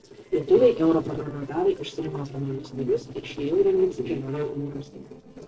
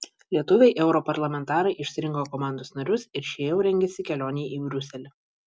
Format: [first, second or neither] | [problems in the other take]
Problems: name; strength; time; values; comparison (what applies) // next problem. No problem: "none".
second | noise reduction (neural separator model SepFormer DNS4)